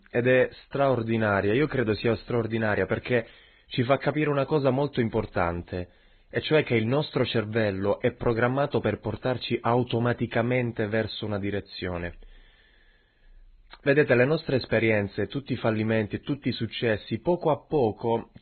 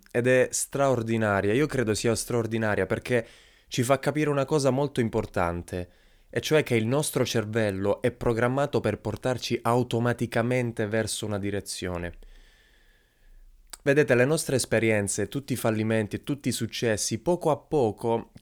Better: second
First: garbled, watery; badly; nothing above 4 kHz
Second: none

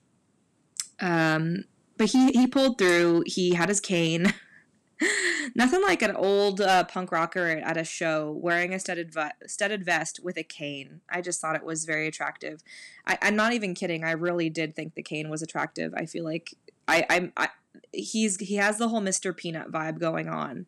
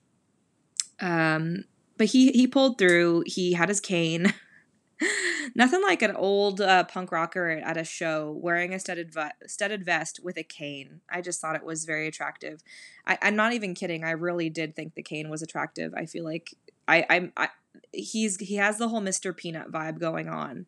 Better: second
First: distortion; slight; 3% of the sound clipped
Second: none

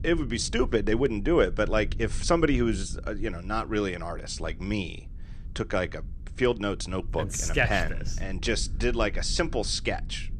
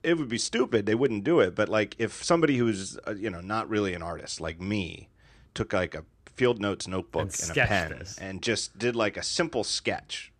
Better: second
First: low rumble; faint; throughout; 25 dB below the speech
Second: none

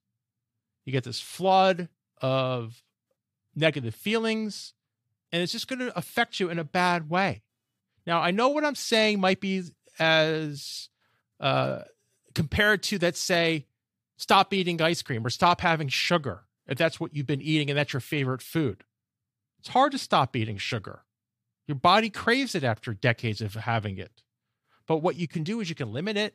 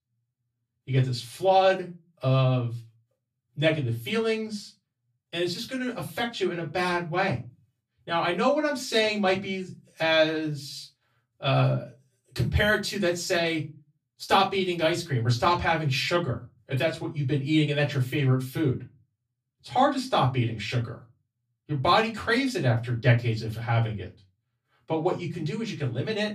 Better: first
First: none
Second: off-mic speech; far // room echo; very slight; dies away in 0.2 s

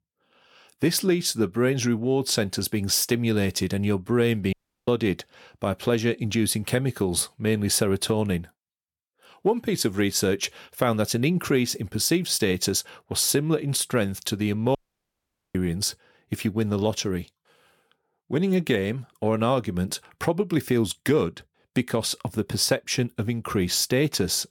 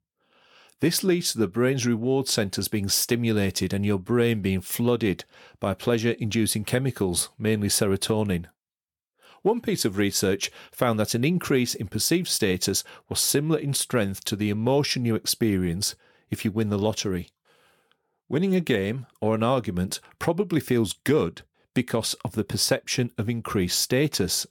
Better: second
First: audio cutting out; at 4.5 s and at 15 s for 1 s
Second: none

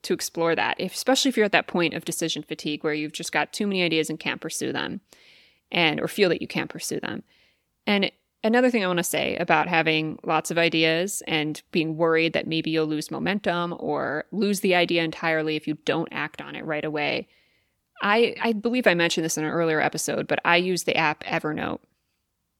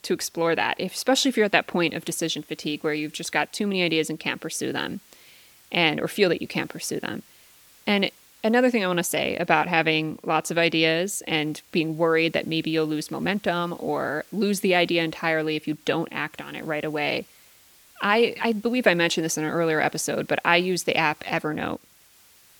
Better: first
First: none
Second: hiss; faint; throughout; 30 dB below the speech

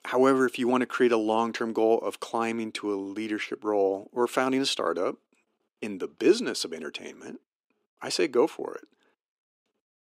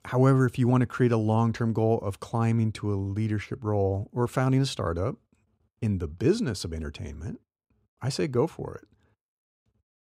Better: second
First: thin; somewhat; fading below 300 Hz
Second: none

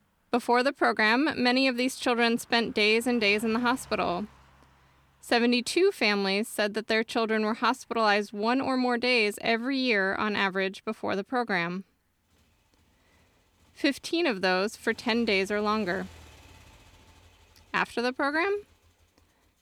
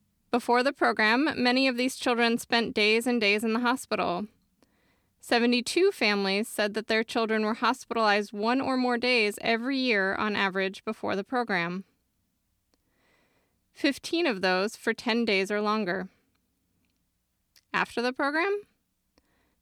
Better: second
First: traffic noise; faint; throughout; 30 dB below the speech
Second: none

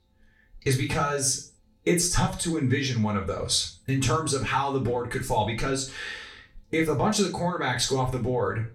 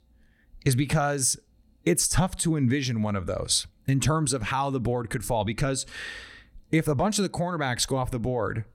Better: second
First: room echo; slight; dies away in 0.3 s // off-mic speech; far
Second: none

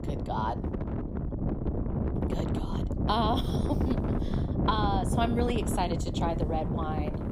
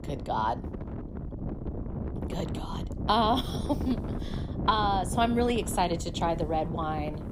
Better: second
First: wind noise on the microphone; heavy; 6 dB below the speech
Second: wind noise on the microphone; occasional gusts; 15 dB below the speech

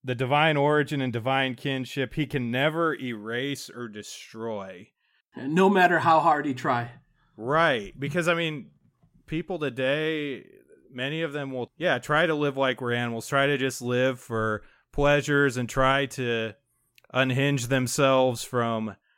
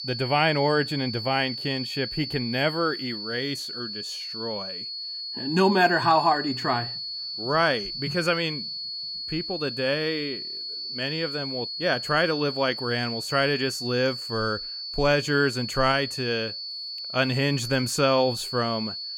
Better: first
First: none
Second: high-pitched whine; loud; throughout; 4.5 kHz, 6 dB below the speech

